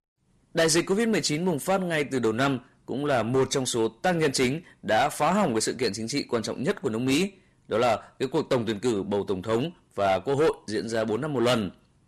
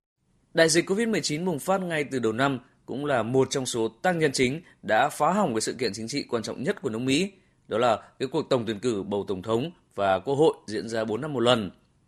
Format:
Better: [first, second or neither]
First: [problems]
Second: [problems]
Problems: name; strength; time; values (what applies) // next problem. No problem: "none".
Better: second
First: distortion; slight; 6% of the sound clipped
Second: none